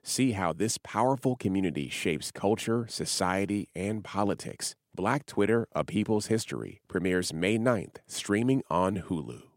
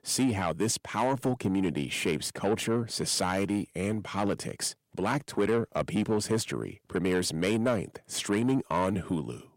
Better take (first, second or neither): first